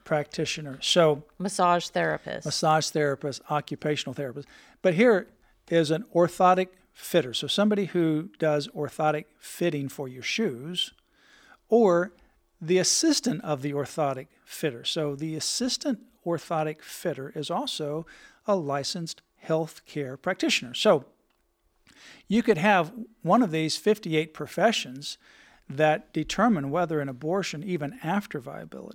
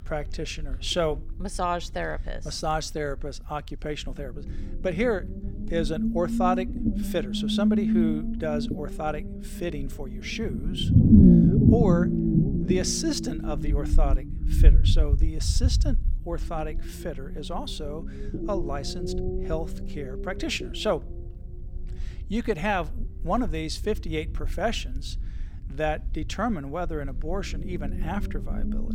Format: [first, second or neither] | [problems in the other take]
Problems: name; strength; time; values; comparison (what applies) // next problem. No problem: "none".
first | low rumble; loud; throughout; 2 dB below the speech